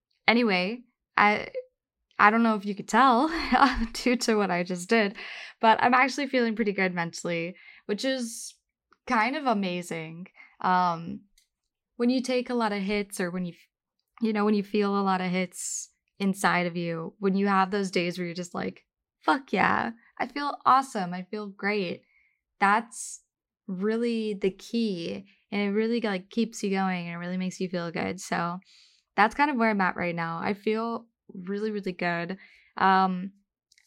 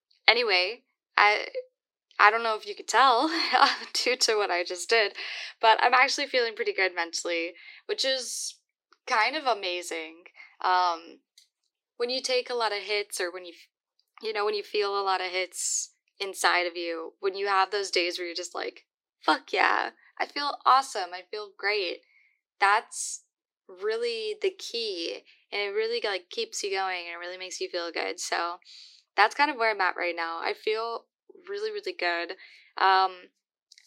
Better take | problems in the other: first | thin; very; fading below 300 Hz

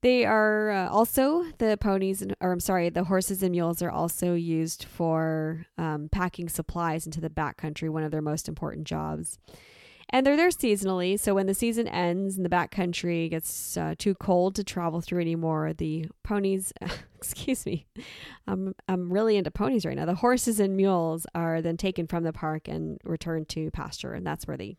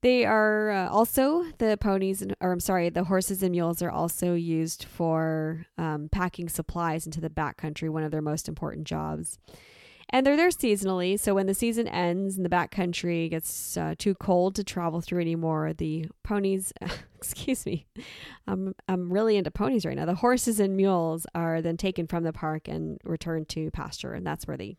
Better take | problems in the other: neither | none

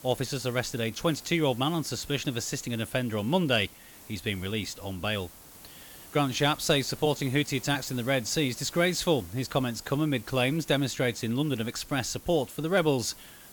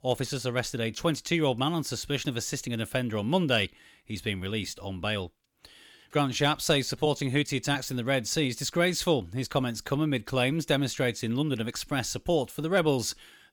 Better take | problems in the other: second | hiss; noticeable; throughout; 20 dB below the speech

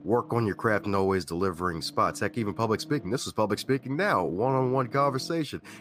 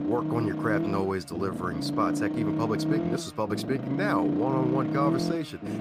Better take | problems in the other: first | low rumble; loud; throughout; 3 dB below the speech; faint in the first

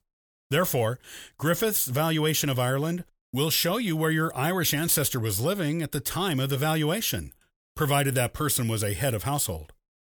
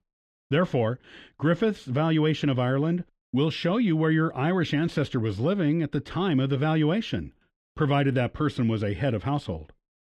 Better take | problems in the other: first | muffled; very; fading above 3 kHz

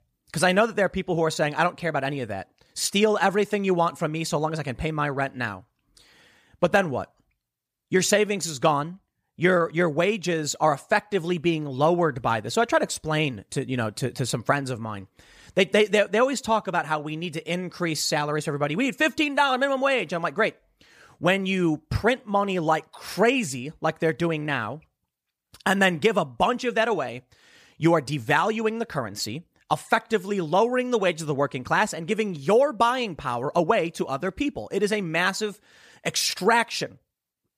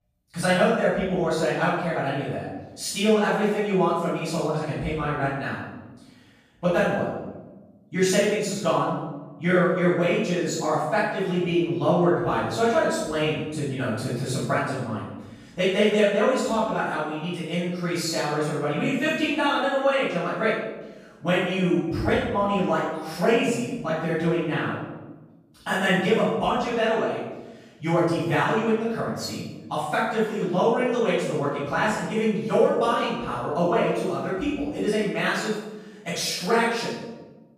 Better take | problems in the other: first | room echo; strong; dies away in 1 s // off-mic speech; far

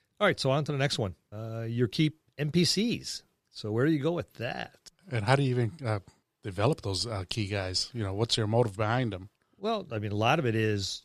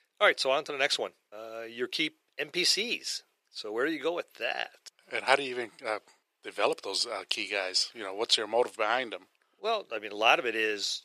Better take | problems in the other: first | thin; very; fading below 450 Hz

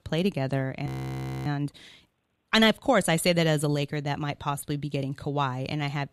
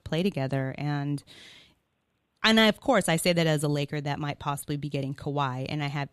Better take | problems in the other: second | audio freezing; at 1 s for 0.5 s

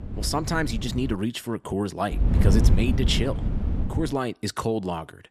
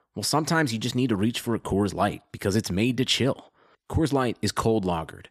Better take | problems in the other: second | wind noise on the microphone; heavy; until 1 s and from 2 to 4 s; 8 dB below the speech

